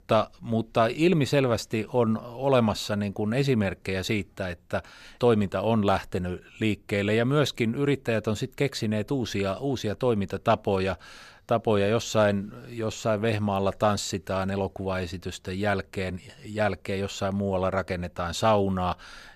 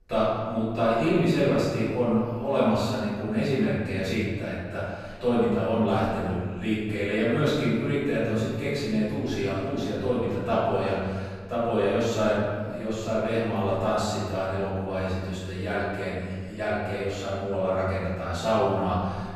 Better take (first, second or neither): first